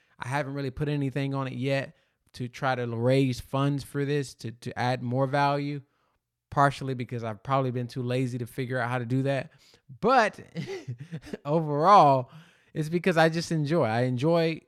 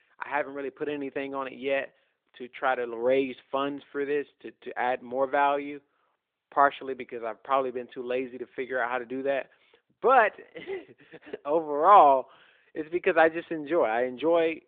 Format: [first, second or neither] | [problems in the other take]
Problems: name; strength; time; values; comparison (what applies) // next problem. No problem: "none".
first | phone-call audio; nothing above 3.5 kHz